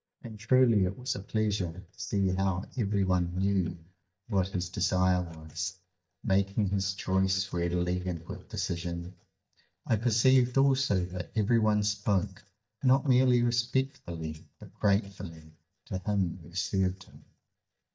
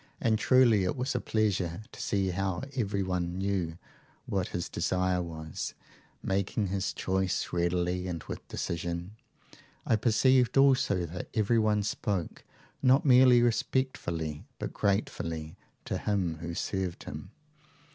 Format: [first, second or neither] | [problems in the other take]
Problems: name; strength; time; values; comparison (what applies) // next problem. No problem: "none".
second | noise reduction (neural mask model DeepFilterNet 3)